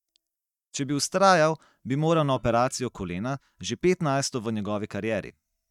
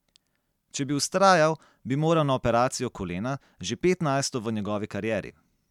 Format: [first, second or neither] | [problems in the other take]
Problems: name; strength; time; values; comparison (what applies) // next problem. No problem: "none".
second | noise reduction (neural mask model DeepFilterNet 3)